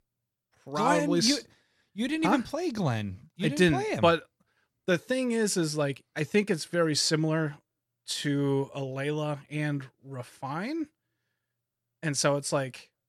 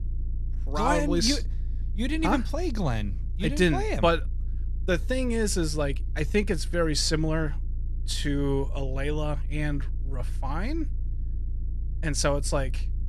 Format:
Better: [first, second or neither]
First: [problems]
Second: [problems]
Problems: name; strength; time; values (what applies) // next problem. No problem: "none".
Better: first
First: none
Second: low rumble; faint; throughout; 25 dB below the speech